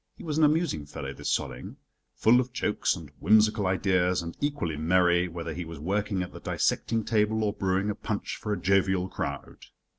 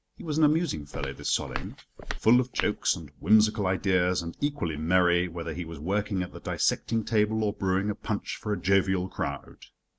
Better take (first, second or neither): first